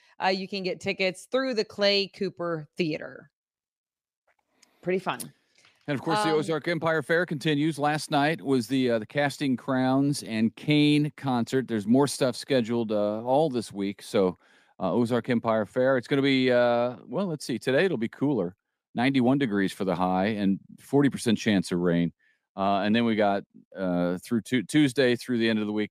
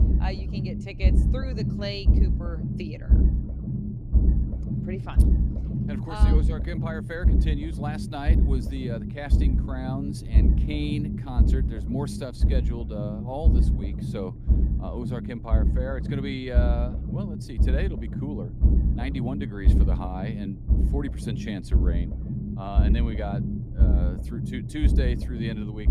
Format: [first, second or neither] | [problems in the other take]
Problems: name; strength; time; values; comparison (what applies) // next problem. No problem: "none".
first | low rumble; loud; throughout; 2 dB below the speech